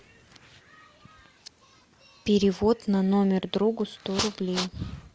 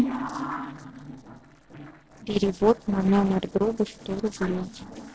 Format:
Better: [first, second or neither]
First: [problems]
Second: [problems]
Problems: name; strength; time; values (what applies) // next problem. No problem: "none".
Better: first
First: none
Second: noise reduction (neural separator model SepFormer DNS4)